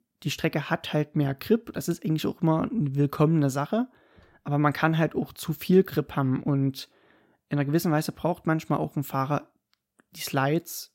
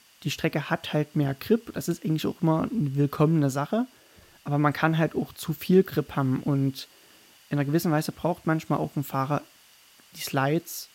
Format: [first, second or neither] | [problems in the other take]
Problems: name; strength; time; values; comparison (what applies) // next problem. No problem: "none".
first | hiss; faint; throughout; 30 dB below the speech